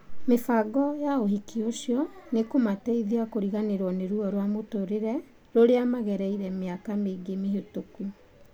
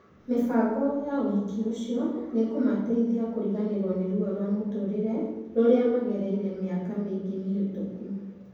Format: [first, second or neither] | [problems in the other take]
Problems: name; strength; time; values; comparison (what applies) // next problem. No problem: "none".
first | room echo; dies away in 1.1 s